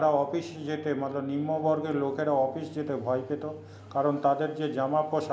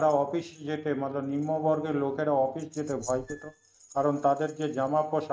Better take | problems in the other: first | noise reduction (neural mask model RNNoise)

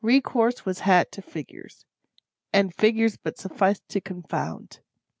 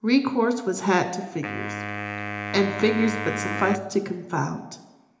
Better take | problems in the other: first | background sound (Wind instrument, woodwind instrument); 9 dB below the speech // room echo; dies away in 0.8 s

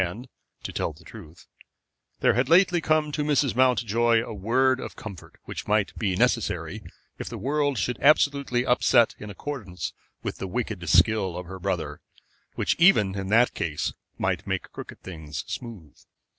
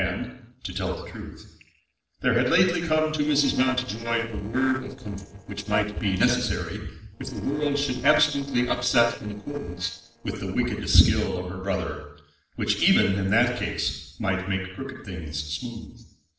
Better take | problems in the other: first | noise reduction (neural separator model SepFormer DNS4)

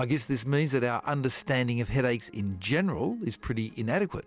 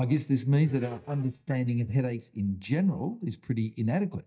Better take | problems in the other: first | noise reduction (neural mask model DeepFilterNet 3)

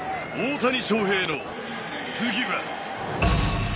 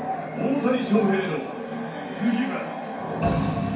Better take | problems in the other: first | room echo; dies away in 0.6 s

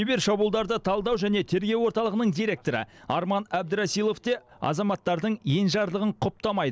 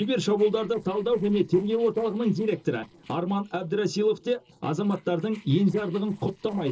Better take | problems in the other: first | noise reduction (neural separator model SepFormer DNS4)

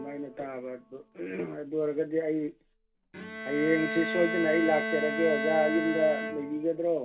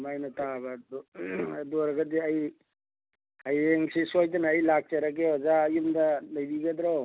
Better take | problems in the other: second | background sound (Bowed string instrument); 6 dB below the speech // room echo; dies away in 0.2 s

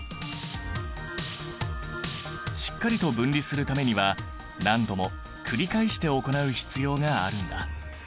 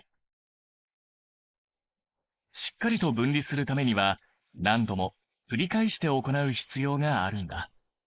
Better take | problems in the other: first | noise reduction (neural mask model Resemble Enhance denoiser)

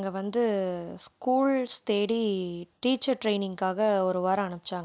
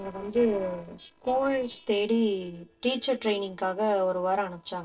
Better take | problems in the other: first | noise reduction (neural separator model SepFormer DNS4)

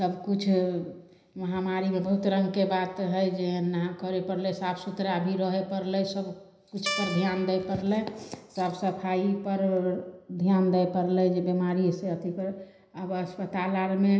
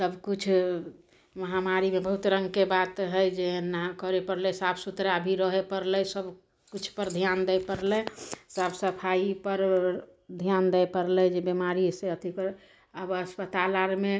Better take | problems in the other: second | background sound (Guitar); 7 dB below the speech // room echo; dies away in 0.9 s

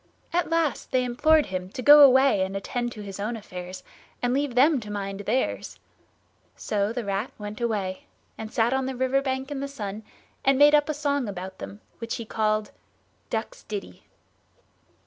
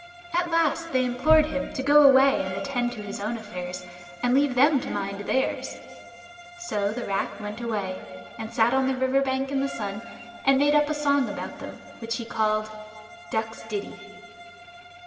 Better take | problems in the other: first | background sound (Bowed string instrument); 18 dB below the speech // room echo; dies away in 2.3 s

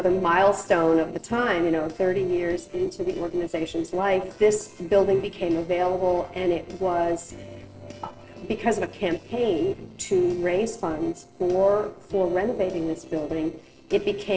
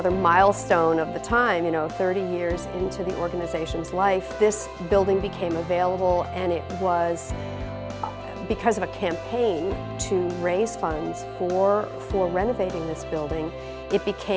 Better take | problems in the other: second | noise reduction (neural separator model SepFormer DNS4)

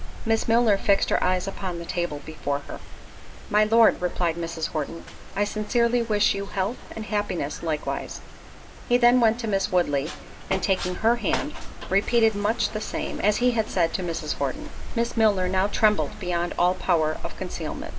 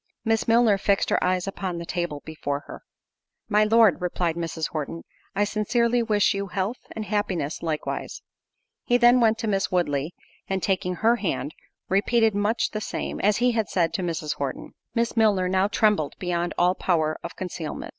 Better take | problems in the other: second | background sound (Wind); 6 dB below the speech // room echo; dies away in 1.8 s

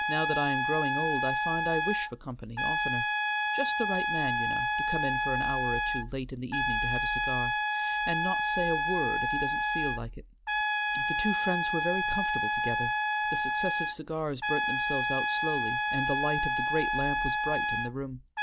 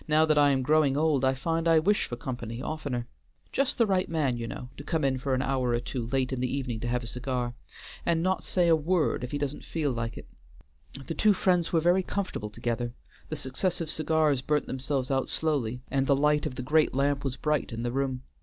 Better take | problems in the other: second | background sound (Trumpet); 5 dB above the speech

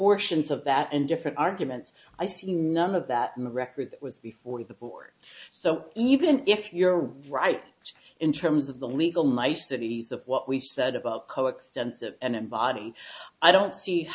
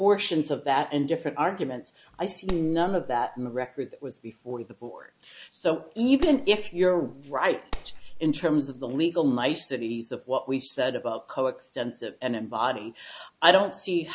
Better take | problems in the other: first | background sound (Clapping); 9 dB below the speech

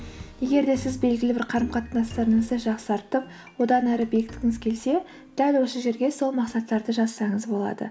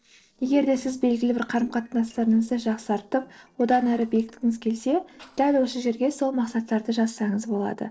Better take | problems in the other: first | noise reduction (neural separator model SepFormer DNS4)

